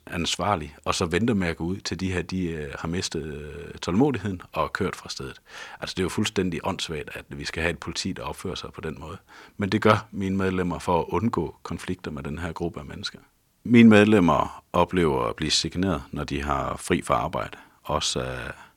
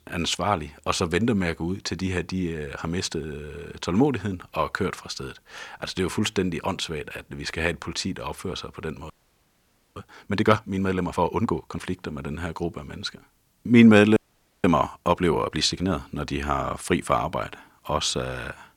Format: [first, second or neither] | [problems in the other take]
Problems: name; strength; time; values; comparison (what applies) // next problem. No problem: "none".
first | audio freezing; at 9 s for 1 s and at 14 s